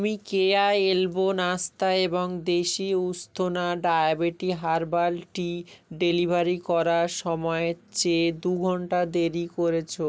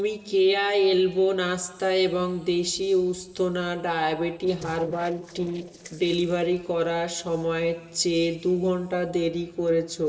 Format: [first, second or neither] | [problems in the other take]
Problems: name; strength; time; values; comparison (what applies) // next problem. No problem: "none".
first | noise reduction (neural separator model SepFormer DNS4)